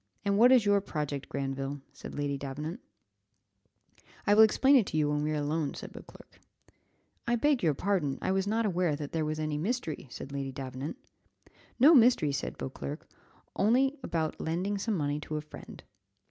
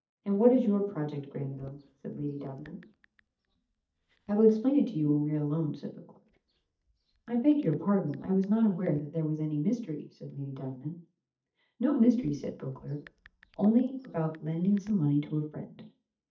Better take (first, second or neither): first